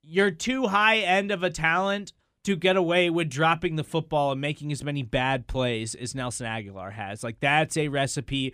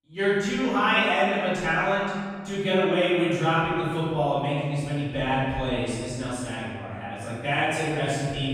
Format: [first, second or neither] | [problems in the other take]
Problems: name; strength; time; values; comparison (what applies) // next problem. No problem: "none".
first | off-mic speech; far // room echo; strong; dies away in 1.7 s